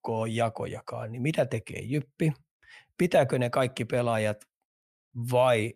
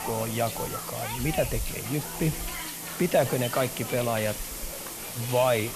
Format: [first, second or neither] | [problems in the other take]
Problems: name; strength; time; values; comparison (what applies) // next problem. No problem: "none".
first | hiss; loud; throughout; 5 dB below the speech